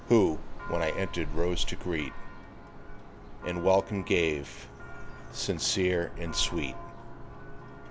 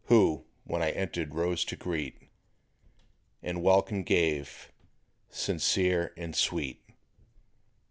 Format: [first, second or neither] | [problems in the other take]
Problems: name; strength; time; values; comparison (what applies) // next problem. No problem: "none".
second | background sound (Church bell); 5 dB below the speech